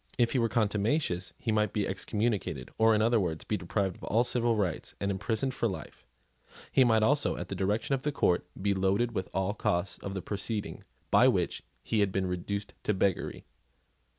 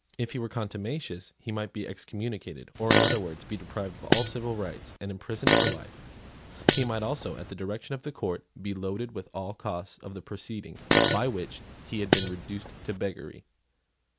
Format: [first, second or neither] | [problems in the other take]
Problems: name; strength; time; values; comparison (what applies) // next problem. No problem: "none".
first | background sound (Fart); 5 dB above the speech